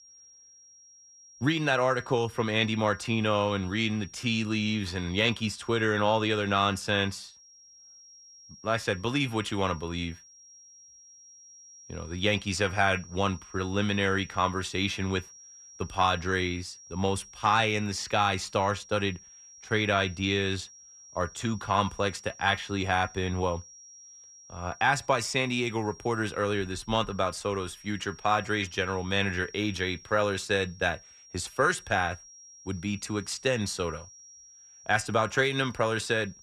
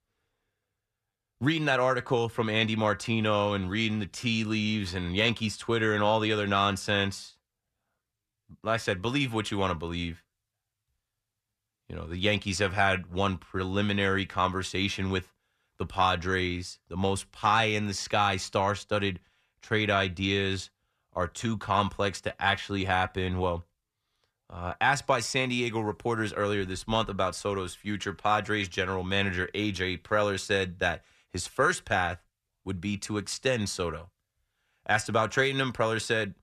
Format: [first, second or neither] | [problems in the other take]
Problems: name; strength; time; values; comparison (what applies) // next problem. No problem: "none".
second | high-pitched whine; faint; throughout; 5.5 kHz, 20 dB below the speech